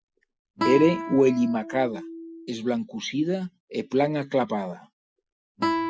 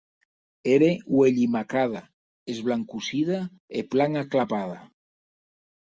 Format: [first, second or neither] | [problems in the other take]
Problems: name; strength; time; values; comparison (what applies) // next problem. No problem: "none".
second | noise reduction (classical method Wiener filter)